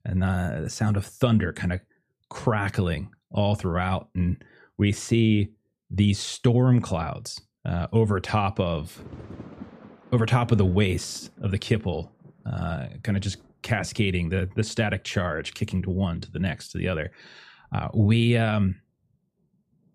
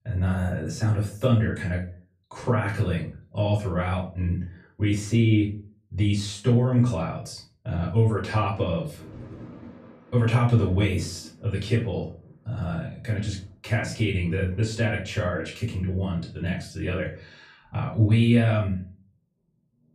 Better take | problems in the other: first | room echo; slight; dies away in 0.3 s // off-mic speech; far

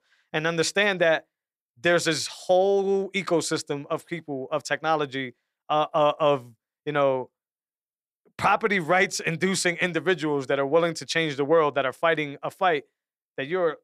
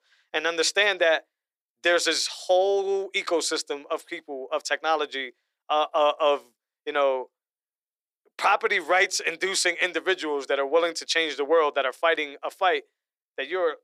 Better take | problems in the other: first | thin; somewhat; fading below 350 Hz

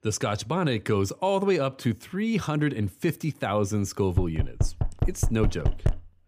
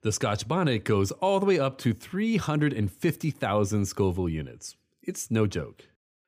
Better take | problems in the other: second | door banging; noticeable; from 4 s on; peak 1 dB below the speech

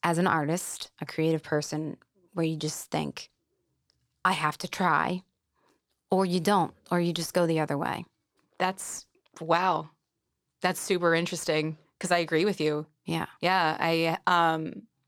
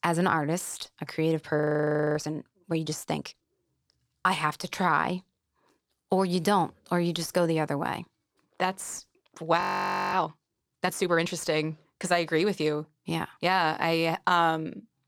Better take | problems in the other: first | audio freezing; at 1.5 s for 0.5 s and at 9.5 s for 0.5 s

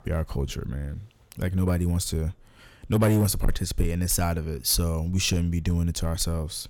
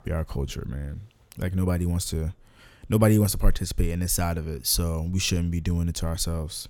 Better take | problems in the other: second | distortion; slight; 3% of the sound clipped

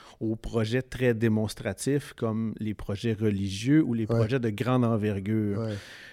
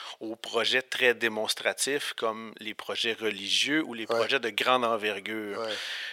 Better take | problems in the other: first | thin; very; fading below 750 Hz

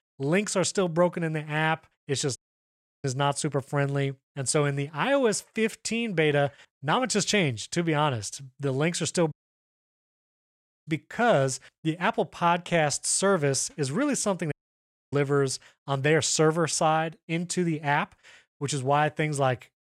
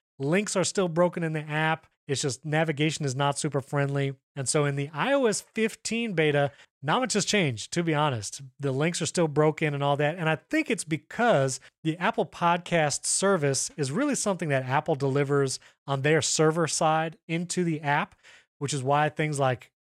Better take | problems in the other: second | audio cutting out; at 2.5 s for 0.5 s, at 9.5 s for 1.5 s and at 15 s for 0.5 s

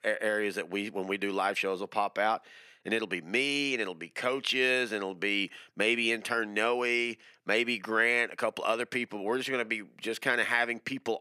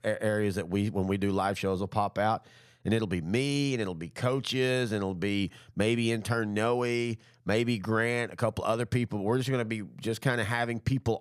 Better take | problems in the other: second | thin; somewhat; fading below 250 Hz

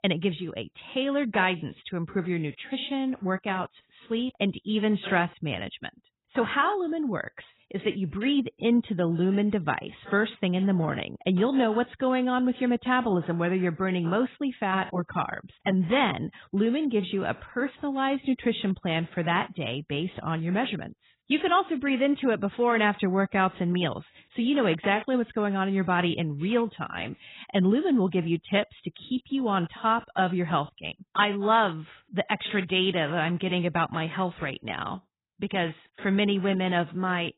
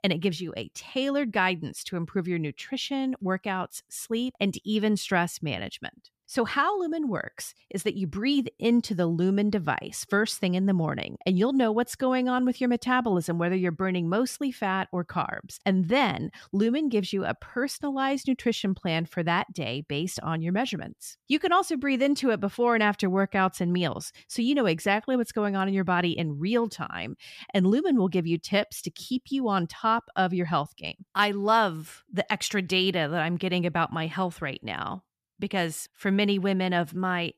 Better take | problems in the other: second | garbled, watery; badly; nothing above 4 kHz

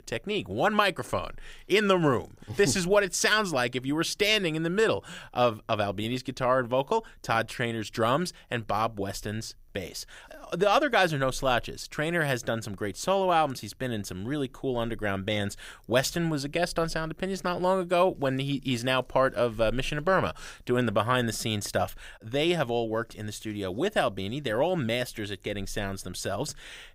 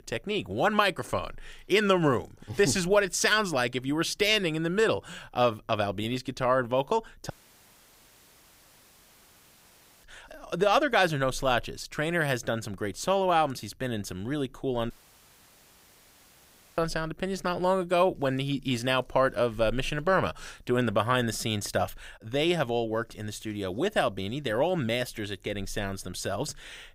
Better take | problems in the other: first | audio cutting out; at 7.5 s for 2.5 s and at 15 s for 2 s

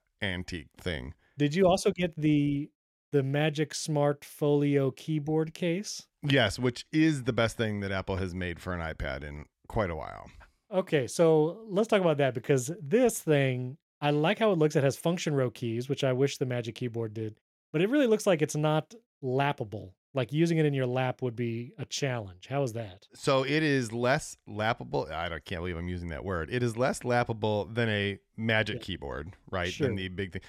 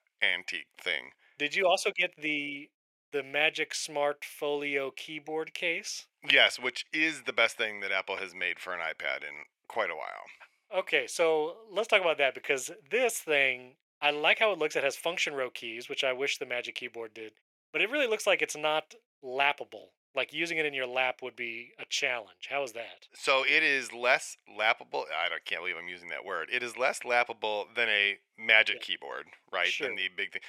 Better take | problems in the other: first | thin; very; fading below 650 Hz

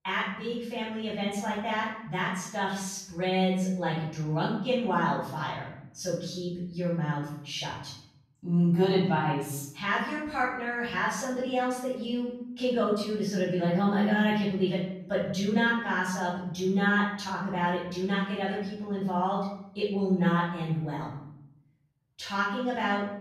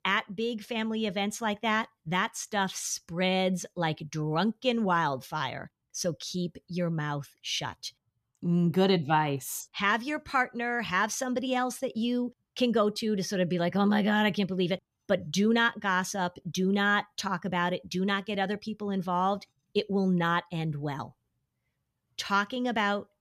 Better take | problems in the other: second | off-mic speech; far // room echo; noticeable; dies away in 0.8 s

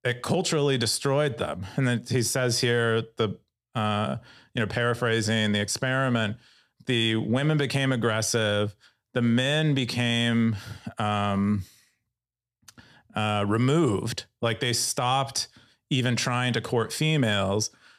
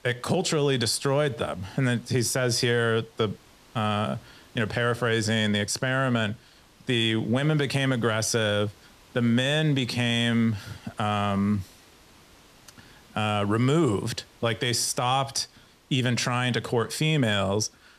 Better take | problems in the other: first | hiss; faint; throughout; 30 dB below the speech

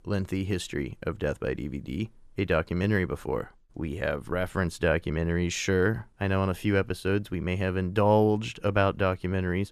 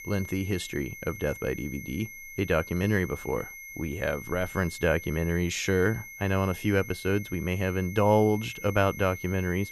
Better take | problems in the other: first | high-pitched whine; noticeable; throughout; 2 kHz, 15 dB below the speech

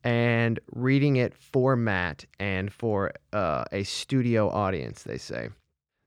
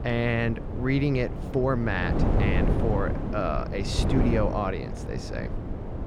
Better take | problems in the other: first | wind noise on the microphone; heavy; 6 dB below the speech

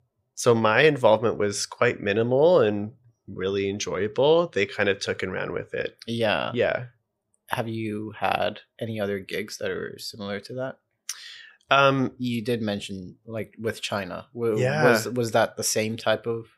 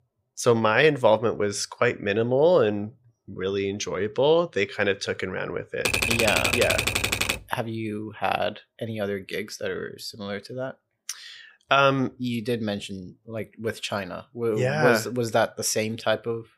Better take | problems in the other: first | keyboard typing; loud; from 6 to 7.5 s; peak 3 dB above the speech

